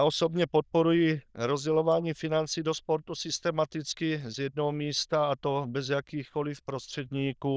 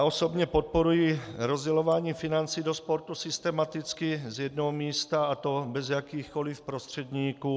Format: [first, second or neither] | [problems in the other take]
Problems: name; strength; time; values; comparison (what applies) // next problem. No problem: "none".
second | noise reduction (neural diffusion model UNIVERSE++)